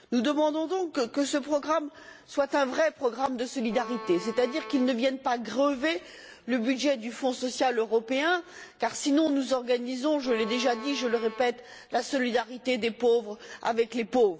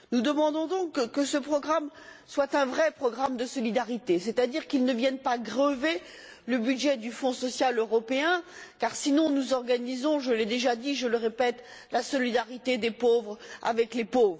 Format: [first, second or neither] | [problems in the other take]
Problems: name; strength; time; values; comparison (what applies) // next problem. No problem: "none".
second | background sound (Bowed string instrument); 12 dB below the speech